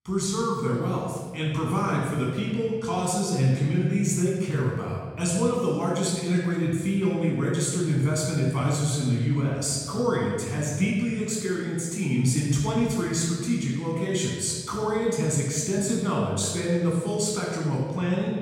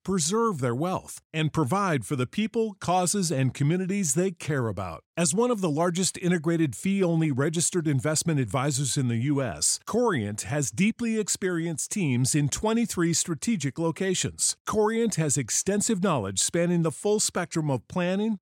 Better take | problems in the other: second | off-mic speech; far // room echo; noticeable; dies away in 1.5 s

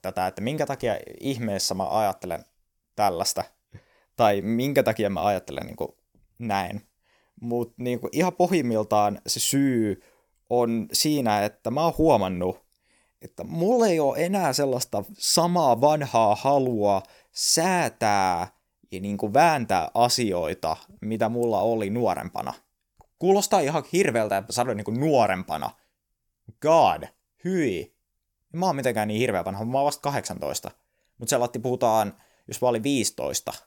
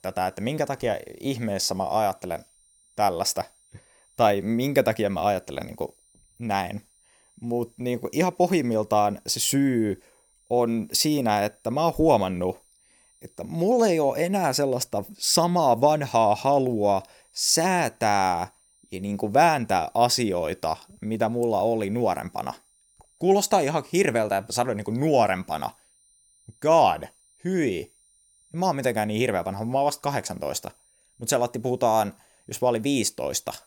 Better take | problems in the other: first | high-pitched whine; faint; throughout; 9 kHz, 35 dB below the speech

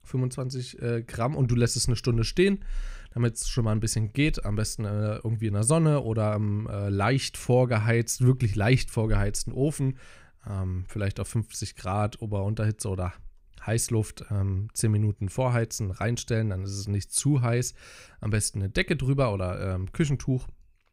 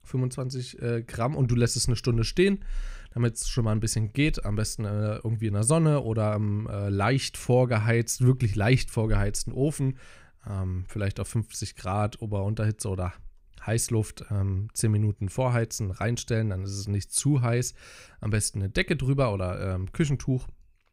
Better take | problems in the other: neither | none

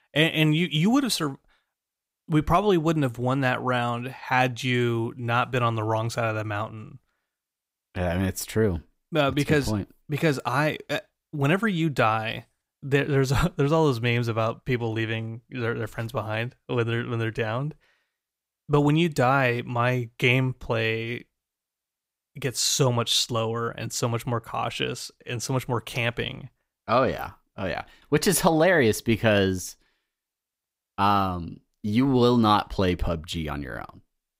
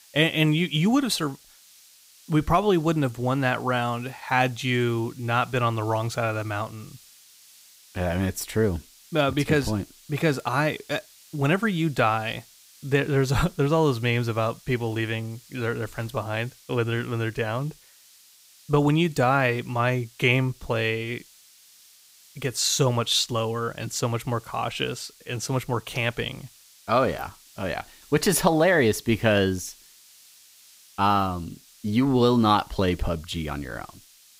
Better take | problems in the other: first | hiss; faint; throughout; 25 dB below the speech

